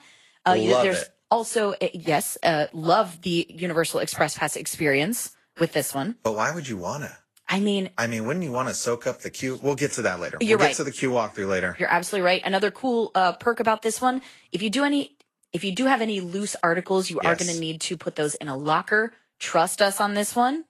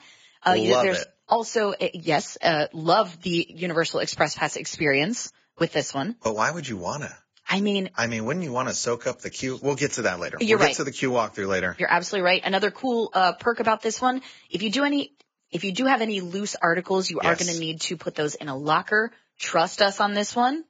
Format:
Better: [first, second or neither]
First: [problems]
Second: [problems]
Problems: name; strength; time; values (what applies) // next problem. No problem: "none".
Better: first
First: garbled, watery; slightly; nothing above 12.5 kHz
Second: garbled, watery; badly; nothing above 7.5 kHz